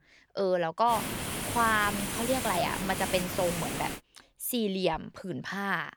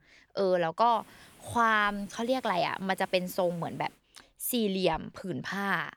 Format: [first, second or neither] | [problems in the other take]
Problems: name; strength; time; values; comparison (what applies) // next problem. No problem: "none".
second | hiss; loud; from 1 to 4 s; 3 dB below the speech; faint in the second